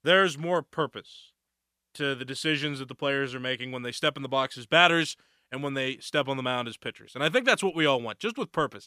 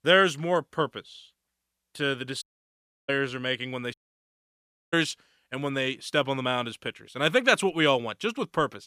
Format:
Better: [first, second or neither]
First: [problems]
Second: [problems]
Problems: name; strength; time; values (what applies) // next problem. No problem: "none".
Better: first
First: none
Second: audio cutting out; at 2.5 s for 0.5 s and at 4 s for 1 s